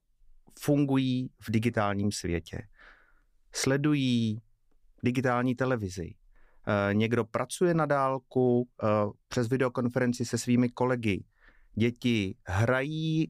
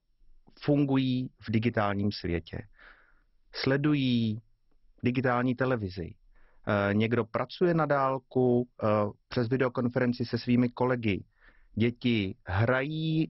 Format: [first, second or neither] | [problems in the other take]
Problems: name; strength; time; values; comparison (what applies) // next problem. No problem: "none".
first | garbled, watery; badly; nothing above 5.5 kHz